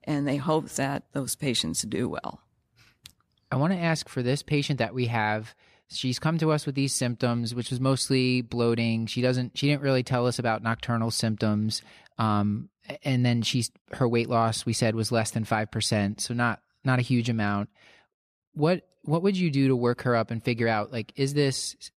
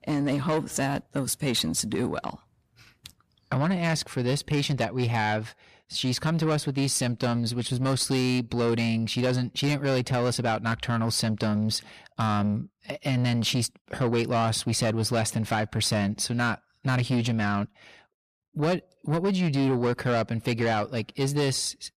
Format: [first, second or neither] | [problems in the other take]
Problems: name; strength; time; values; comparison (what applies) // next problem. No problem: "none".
first | distortion; slight; 10 dB below the speech